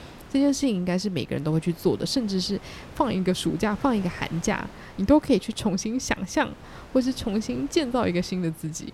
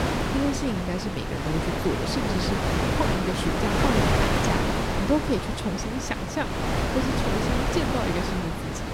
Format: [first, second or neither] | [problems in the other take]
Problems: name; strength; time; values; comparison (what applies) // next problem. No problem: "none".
first | wind noise on the microphone; heavy; 4 dB above the speech; occasional gusts in the first